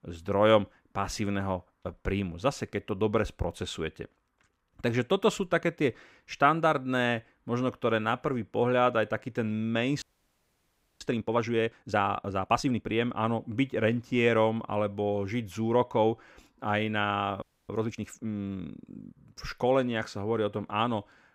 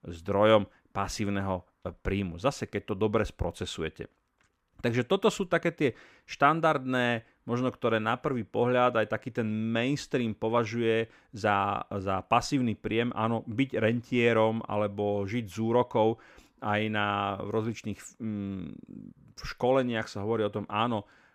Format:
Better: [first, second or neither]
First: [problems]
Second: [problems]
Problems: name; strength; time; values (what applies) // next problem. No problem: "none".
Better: second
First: audio freezing; at 10 s for 1 s and at 17 s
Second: none